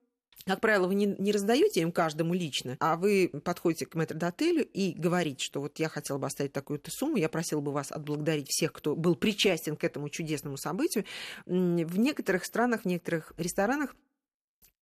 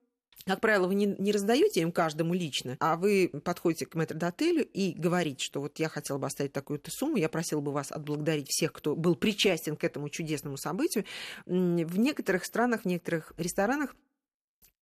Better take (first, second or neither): neither